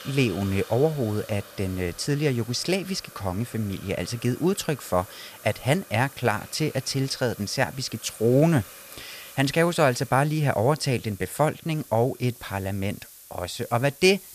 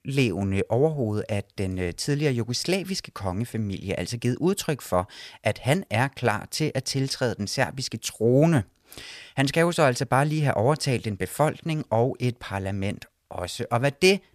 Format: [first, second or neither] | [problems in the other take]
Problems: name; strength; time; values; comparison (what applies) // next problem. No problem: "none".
second | hiss; noticeable; throughout; 20 dB below the speech